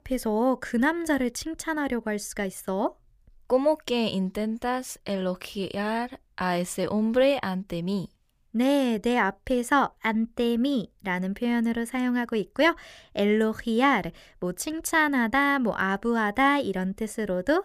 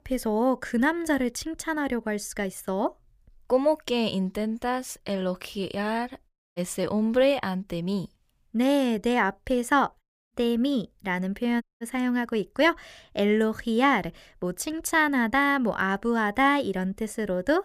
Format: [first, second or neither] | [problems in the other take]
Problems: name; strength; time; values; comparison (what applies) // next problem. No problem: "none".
first | audio cutting out; at 6.5 s, at 10 s and at 12 s